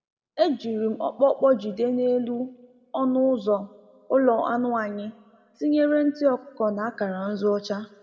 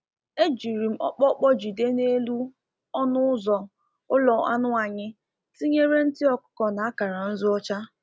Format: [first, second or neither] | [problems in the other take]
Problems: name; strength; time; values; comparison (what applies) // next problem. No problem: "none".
second | room echo; dies away in 1 s